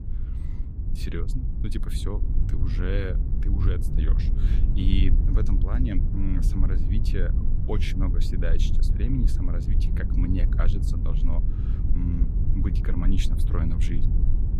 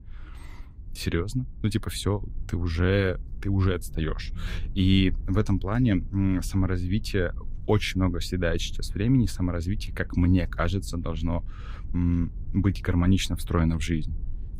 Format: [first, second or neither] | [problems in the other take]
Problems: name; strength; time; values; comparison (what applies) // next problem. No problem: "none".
second | low rumble; loud; throughout; 4 dB below the speech; faint in the second